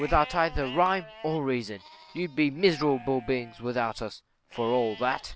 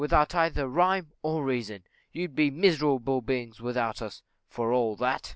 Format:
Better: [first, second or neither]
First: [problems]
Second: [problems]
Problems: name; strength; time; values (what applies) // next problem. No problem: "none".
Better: second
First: background sound (Bowed string instrument + Livestock, farm animals, working animals); 17 dB below the speech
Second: none